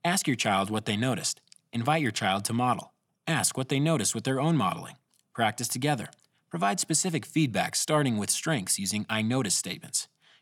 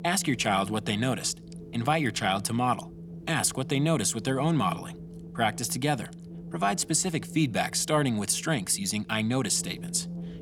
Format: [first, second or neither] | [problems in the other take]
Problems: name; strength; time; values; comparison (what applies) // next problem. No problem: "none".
first | wind noise on the microphone; occasional gusts; 20 dB below the speech